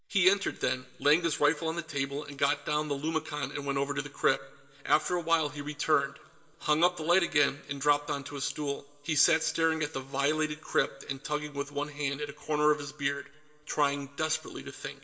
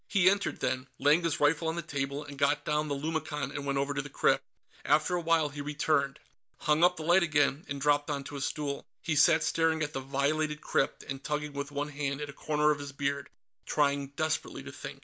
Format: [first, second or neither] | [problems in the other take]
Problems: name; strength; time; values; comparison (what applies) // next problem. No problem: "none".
second | room echo; dies away in 2.3 s